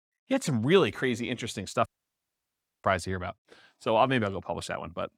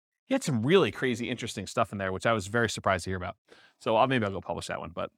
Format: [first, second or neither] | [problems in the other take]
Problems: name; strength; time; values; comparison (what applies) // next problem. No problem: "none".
second | audio cutting out; at 2 s for 1 s